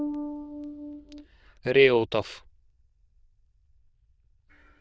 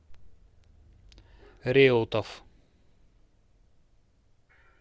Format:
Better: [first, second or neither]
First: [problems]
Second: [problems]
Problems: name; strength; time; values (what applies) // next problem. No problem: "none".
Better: second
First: noise reduction (neural diffusion model UNIVERSE++)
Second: none